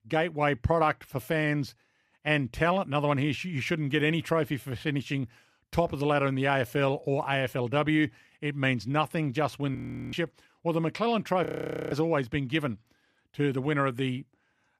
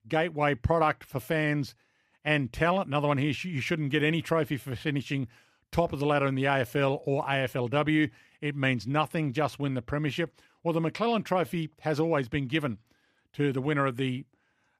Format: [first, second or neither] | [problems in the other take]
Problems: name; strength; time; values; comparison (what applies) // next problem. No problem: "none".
second | audio freezing; at 10 s and at 11 s